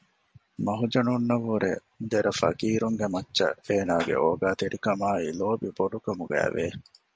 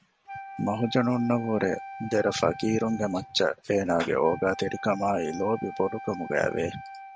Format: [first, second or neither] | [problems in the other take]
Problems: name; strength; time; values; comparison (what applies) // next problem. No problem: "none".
first | background sound (Wind instrument, woodwind instrument); 14 dB below the speech